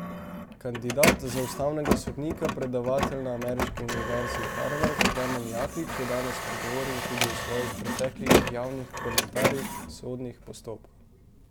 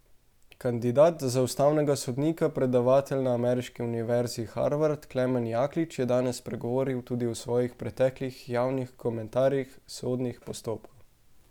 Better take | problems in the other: second | background sound (Printer); 2 dB above the speech

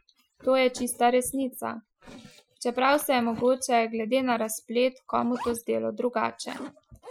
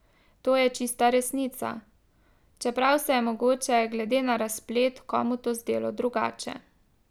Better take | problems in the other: second | noise reduction (classical method Wiener filter)

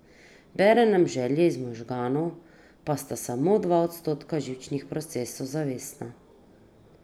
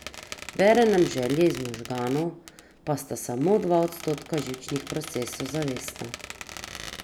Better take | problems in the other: first | background sound (Squeak); 14 dB below the speech

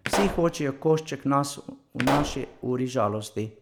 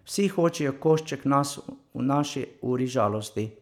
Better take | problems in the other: second | background sound (Explosion); 6 dB below the speech

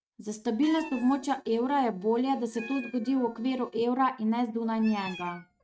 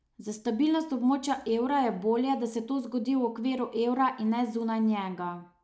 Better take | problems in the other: second | noise reduction (neural mask model RNNoise)

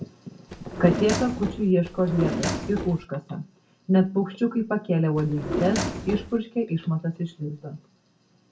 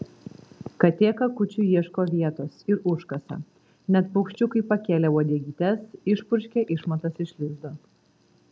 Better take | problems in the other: second | background sound (Drawer open or close); 4 dB below the speech // room echo; dies away in 0.2 s

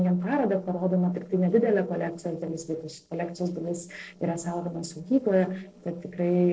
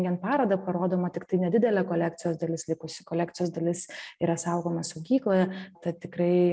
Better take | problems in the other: second | noise reduction (neural separator model SepFormer DNS4)

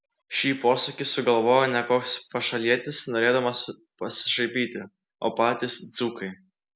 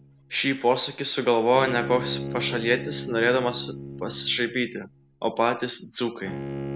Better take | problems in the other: first | background sound (Bowed string instrument); 10 dB below the speech

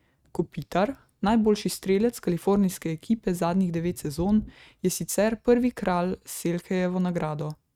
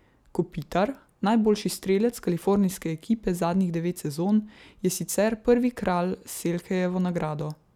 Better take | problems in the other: second | noise reduction (neural mask model RNNoise)

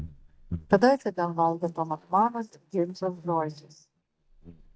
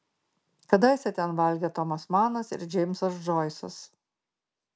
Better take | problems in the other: second | noise reduction (neural mask model DeepFilterNet 3)

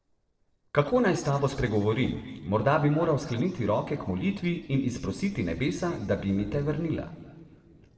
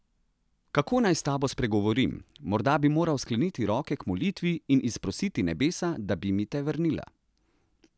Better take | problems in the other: second | noise reduction (neural separator model SepFormer DNS4)

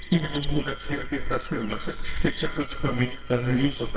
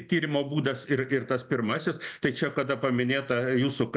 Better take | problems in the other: second | noise reduction (neural separator model SepFormer WHAMR!)

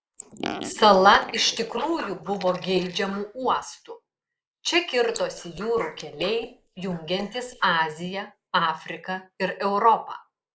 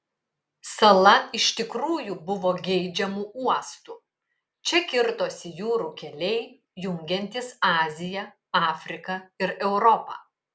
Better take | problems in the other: second | noise reduction (neural mask model Resemble Enhance denoiser)

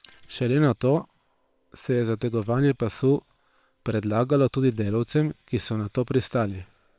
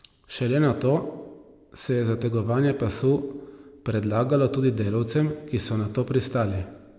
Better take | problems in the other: second | noise reduction (neural separator model SepFormer WHAM!)

